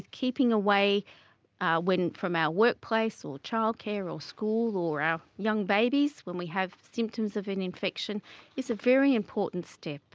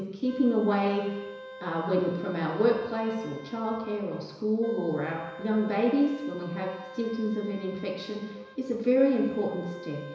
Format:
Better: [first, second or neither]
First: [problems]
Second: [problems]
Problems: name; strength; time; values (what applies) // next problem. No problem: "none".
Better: first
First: none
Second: background sound (Wind instrument, woodwind instrument); 15 dB below the speech // room echo; dies away in 1 s